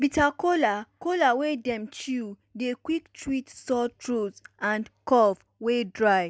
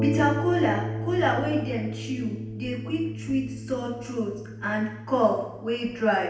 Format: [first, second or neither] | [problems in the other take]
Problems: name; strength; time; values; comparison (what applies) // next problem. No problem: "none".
first | background sound (Harp); 6 dB below the speech // room echo; dies away in 0.9 s